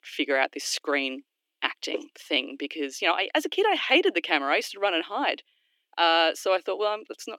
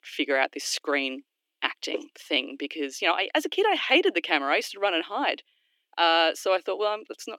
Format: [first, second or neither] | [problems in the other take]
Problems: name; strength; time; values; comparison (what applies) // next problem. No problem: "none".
neither | thin; somewhat; fading below 300 Hz; the same in both